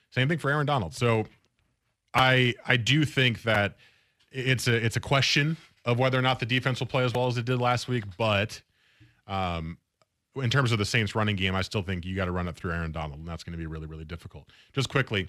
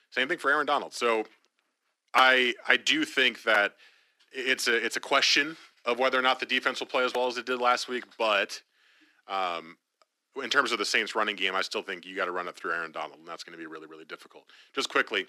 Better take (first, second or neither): first